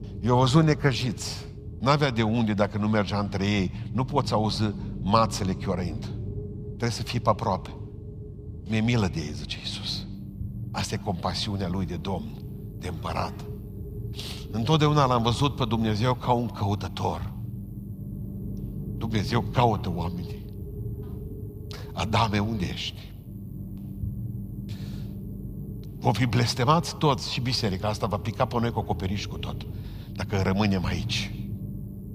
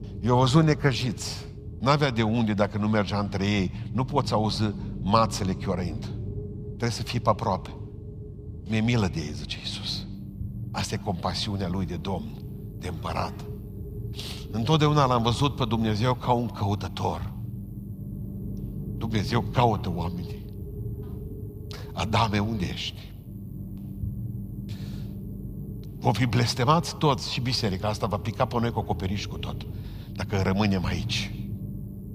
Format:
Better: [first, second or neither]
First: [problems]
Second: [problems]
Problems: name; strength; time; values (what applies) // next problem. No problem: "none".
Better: neither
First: low rumble; noticeable; throughout; 20 dB below the speech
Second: low rumble; noticeable; throughout; 20 dB below the speech